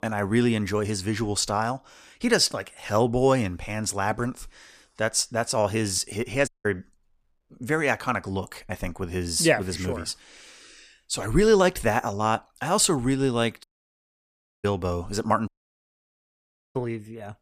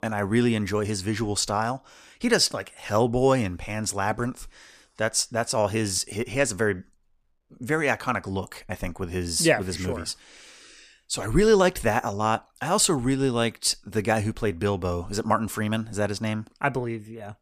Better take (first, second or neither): second